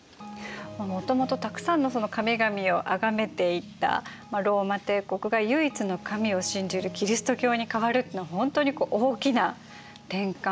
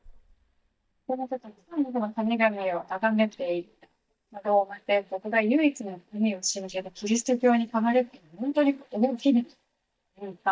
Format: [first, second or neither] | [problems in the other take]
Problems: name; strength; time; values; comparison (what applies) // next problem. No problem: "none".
first | noise reduction (neural mask model DeepFilterNet 3)